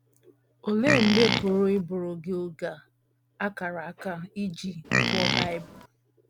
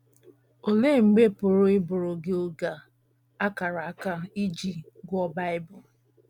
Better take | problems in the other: second | background sound (Livestock, farm animals, working animals); 2 dB above the speech

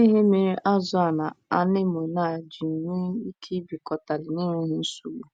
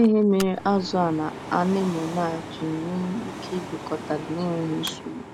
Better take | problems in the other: first | background sound (Mechanical fan); 11 dB below the speech

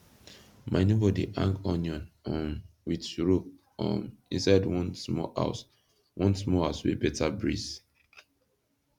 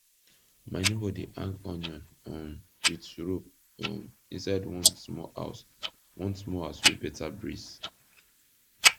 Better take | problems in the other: first | noise reduction (neural mask model Resemble Enhance denoiser)

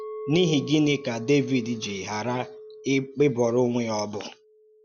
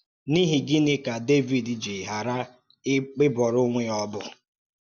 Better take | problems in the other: second | background sound (Chink, clink); 15 dB below the speech

